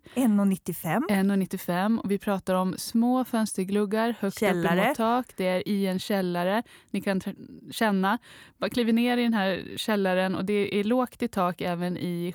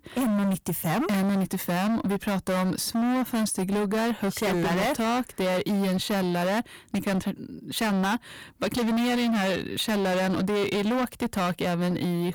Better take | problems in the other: first | distortion; heavy; 34% of the sound clipped

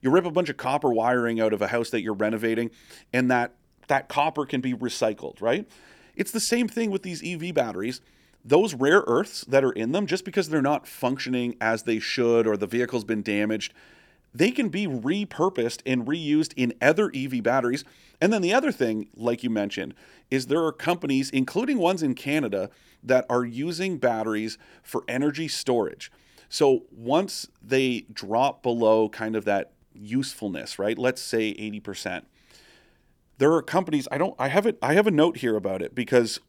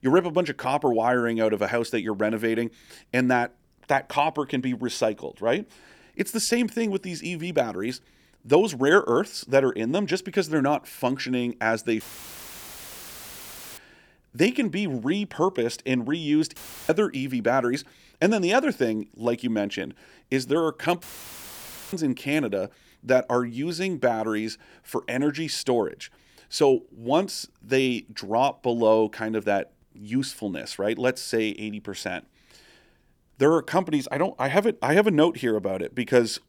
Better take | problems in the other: first | audio cutting out; filled with static; at 12 s for 2 s, at 17 s and at 21 s for 1 s

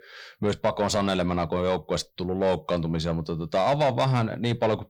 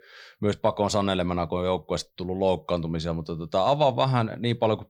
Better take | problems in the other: second | distortion; slight; 10 dB below the speech

